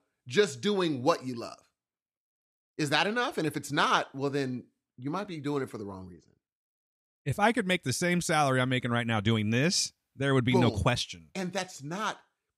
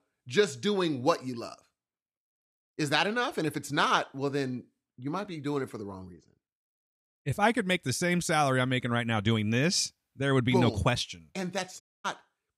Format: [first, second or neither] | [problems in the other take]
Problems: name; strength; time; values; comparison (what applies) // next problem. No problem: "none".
first | audio cutting out; at 12 s